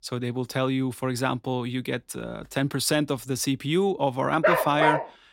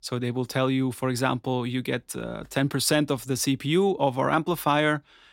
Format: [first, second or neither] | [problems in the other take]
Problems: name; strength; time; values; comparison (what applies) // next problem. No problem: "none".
second | dog barking; loud; at 4.5 s; peak 4 dB above the speech